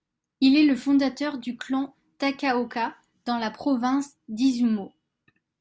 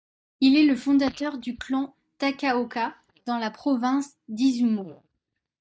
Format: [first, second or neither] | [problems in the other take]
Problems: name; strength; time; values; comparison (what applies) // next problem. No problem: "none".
first | noise reduction (neural mask model DeepFilterNet 3)